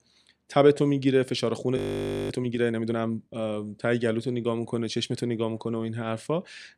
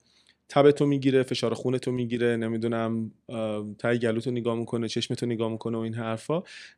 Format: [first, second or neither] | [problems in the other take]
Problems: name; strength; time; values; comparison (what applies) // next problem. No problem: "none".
second | audio freezing; at 2 s for 0.5 s